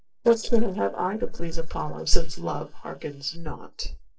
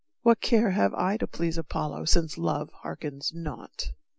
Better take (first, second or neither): second